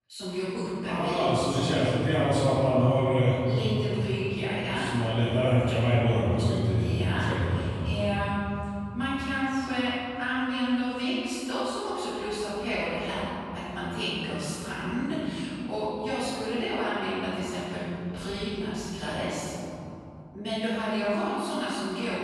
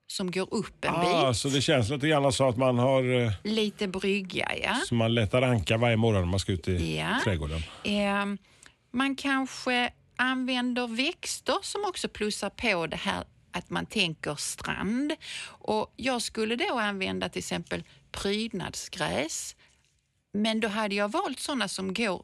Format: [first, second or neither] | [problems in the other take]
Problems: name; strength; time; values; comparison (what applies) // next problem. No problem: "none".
second | off-mic speech; far // room echo; strong; dies away in 3 s